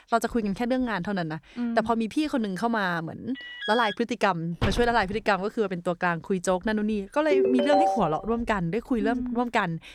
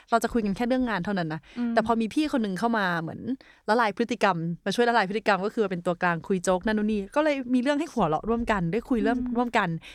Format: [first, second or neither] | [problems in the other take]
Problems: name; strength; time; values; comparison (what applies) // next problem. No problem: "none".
second | alarm; noticeable; at 3.5 s; peak 5 dB below the speech // door banging; noticeable; at 4.5 s; peak 4 dB below the speech // phone ringing; loud; at 7.5 s; peak 4 dB above the speech